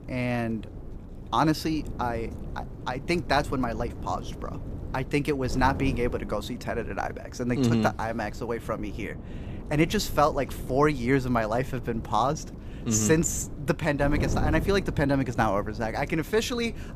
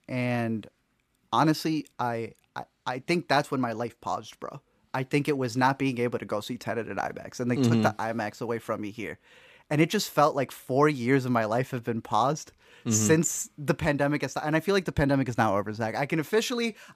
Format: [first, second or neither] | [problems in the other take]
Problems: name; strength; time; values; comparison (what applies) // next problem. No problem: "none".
second | wind noise on the microphone; occasional gusts; 15 dB below the speech